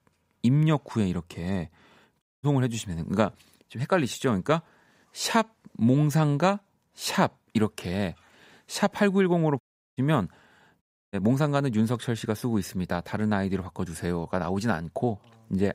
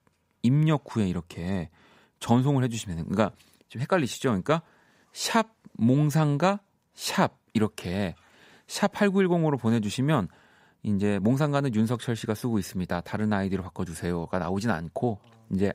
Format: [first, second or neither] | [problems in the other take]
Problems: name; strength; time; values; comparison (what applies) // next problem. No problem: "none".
second | audio cutting out; at 2 s, at 9.5 s and at 11 s